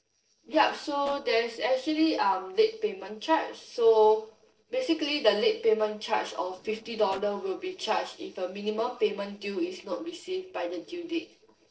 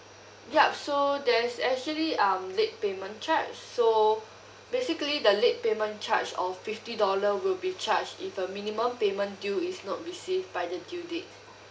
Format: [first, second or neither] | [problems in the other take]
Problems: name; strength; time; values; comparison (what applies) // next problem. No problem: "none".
second | noise reduction (neural separator model SepFormer DNS4)